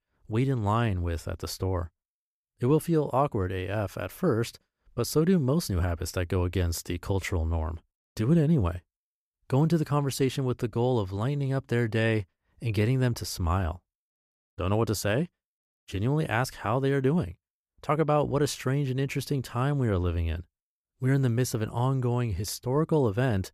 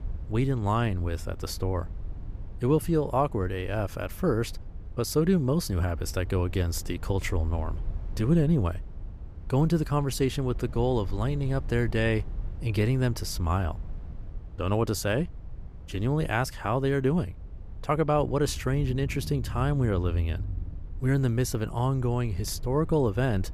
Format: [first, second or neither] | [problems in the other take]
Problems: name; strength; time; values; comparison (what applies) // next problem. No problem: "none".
first | low rumble; faint; throughout; 25 dB below the speech